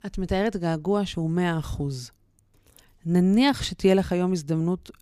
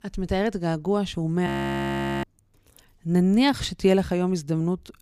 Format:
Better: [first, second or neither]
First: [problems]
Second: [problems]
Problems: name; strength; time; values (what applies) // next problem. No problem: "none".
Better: first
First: none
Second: audio freezing; at 1.5 s for 1 s